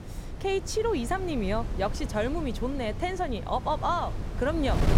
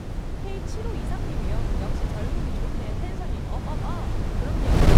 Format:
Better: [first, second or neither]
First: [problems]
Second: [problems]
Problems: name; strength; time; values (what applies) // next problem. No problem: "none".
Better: first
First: wind noise on the microphone; occasional gusts; 15 dB below the speech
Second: wind noise on the microphone; heavy; 4 dB above the speech